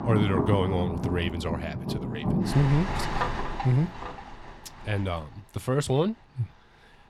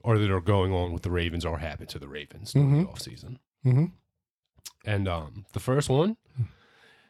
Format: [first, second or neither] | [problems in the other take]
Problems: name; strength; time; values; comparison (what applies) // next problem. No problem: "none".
second | rain or running water; loud; throughout; 3 dB below the speech